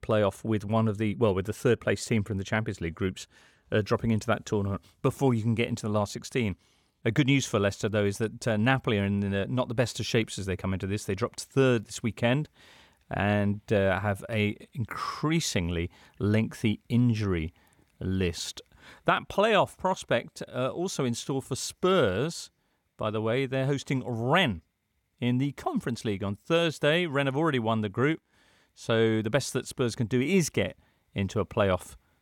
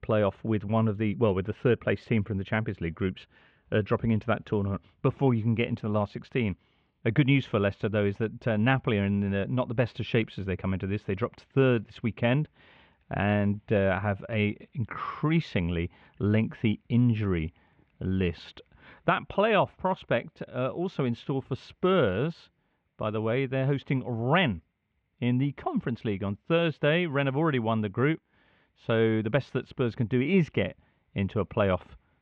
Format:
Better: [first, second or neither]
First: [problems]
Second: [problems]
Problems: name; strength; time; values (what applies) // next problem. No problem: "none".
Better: first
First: none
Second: muffled; very; fading above 3 kHz